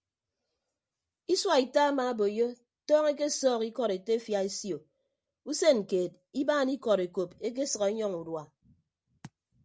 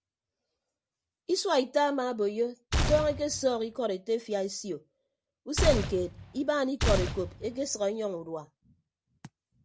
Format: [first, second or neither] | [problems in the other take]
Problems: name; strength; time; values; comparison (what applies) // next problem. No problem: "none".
first | background sound (Gunshot, gunfire); 1 dB below the speech